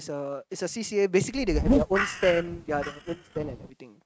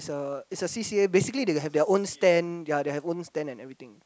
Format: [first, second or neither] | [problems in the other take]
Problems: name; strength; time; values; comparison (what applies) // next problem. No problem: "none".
second | noise reduction (neural mask model RNNoise)